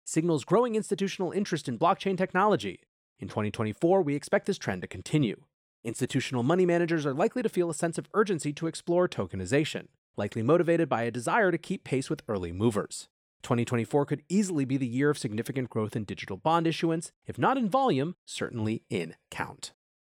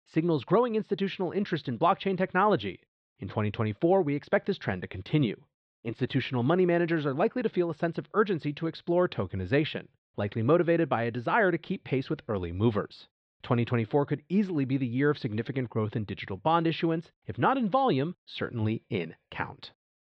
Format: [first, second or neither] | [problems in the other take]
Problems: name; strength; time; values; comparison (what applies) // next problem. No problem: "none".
first | muffled; slightly; fading above 4 kHz